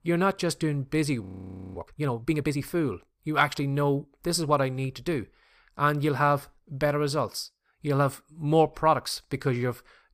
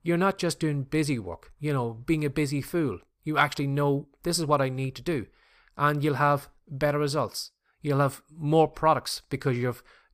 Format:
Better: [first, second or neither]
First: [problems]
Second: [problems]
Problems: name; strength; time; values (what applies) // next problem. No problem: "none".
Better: second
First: audio freezing; at 1 s for 0.5 s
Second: none